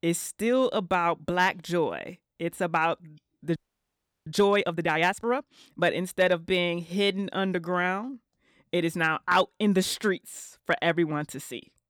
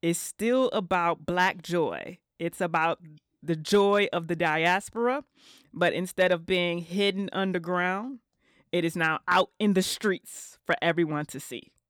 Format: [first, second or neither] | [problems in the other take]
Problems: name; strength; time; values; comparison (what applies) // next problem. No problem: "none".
second | audio freezing; at 3.5 s for 0.5 s